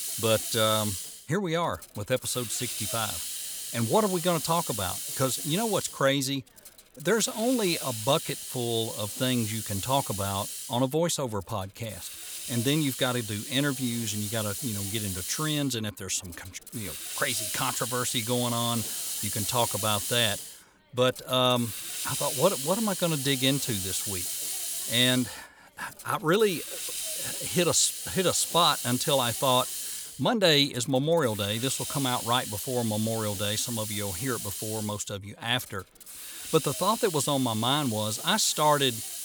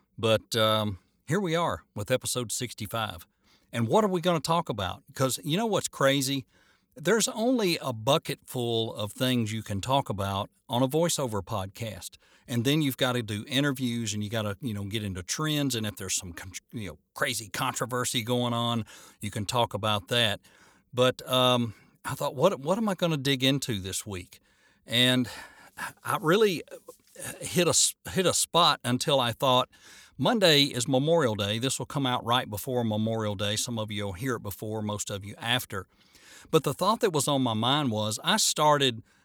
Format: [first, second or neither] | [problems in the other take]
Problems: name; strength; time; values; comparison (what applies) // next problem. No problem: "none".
second | hiss; loud; throughout; 5 dB below the speech